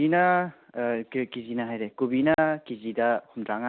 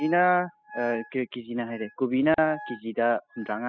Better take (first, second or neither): first